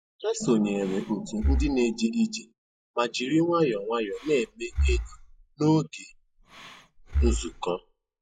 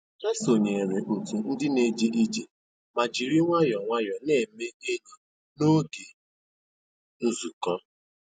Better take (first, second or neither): second